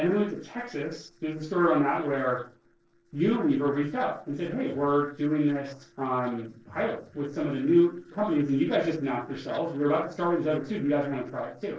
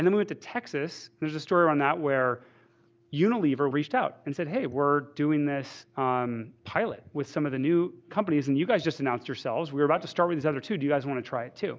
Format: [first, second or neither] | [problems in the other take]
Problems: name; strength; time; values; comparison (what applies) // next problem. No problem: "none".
second | noise reduction (neural separator model SepFormer DNS4)